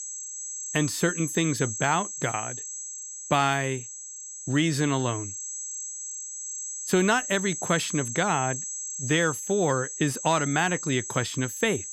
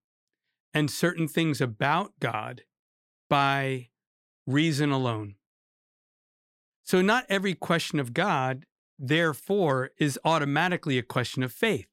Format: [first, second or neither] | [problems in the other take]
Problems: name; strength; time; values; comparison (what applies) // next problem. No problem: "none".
second | high-pitched whine; loud; throughout; 7.5 kHz, 7 dB below the speech